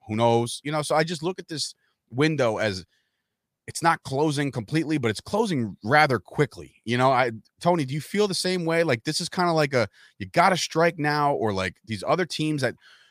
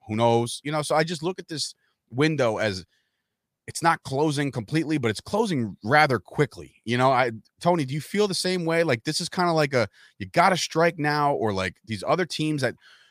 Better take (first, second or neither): neither